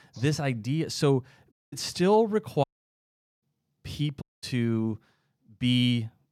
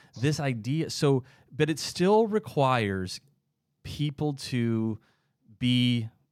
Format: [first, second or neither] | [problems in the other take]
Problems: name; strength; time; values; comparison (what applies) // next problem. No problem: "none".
second | audio cutting out; at 1.5 s, at 2.5 s for 1 s and at 4 s